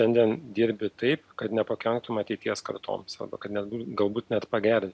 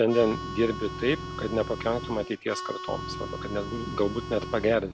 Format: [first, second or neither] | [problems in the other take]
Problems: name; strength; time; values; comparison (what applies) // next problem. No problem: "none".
first | background sound (Engine / Truck / Car + Harmonica); 8 dB below the speech